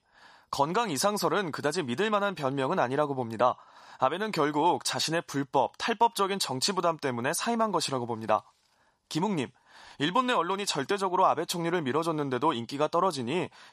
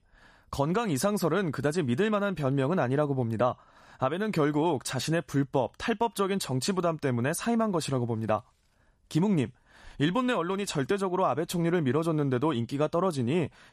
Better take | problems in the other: second | thin; somewhat; fading below 700 Hz

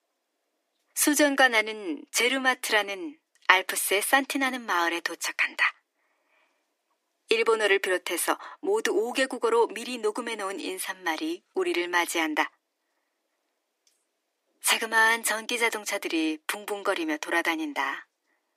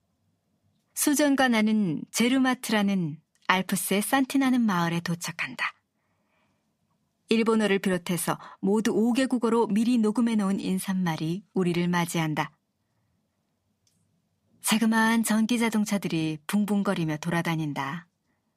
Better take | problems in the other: second | thin; very; fading below 300 Hz

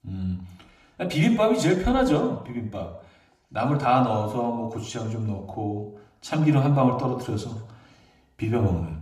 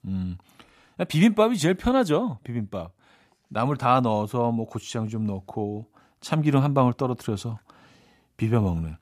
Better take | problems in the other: second | room echo; slight; dies away in 0.7 s // off-mic speech; somewhat distant

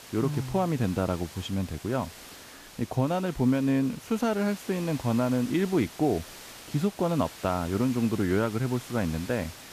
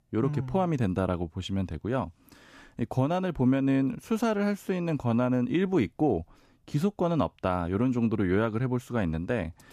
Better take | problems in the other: second | hiss; noticeable; throughout; 15 dB below the speech

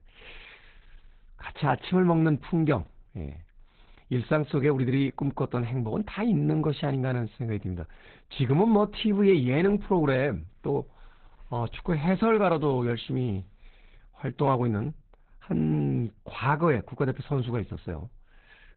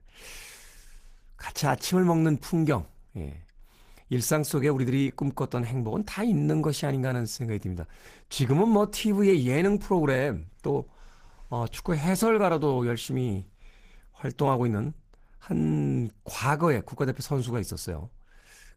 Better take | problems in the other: second | garbled, watery; badly; nothing above 4 kHz; slightly in the second

